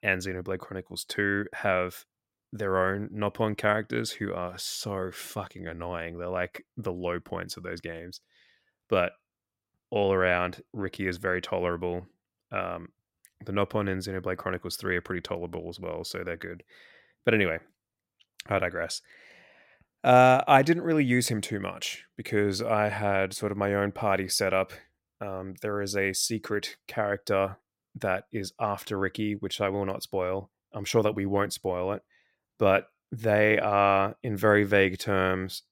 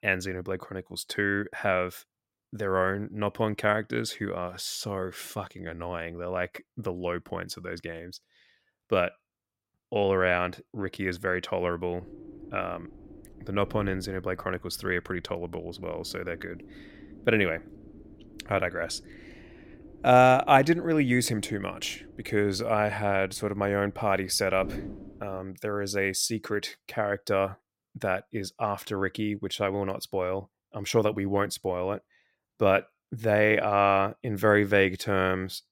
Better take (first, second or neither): first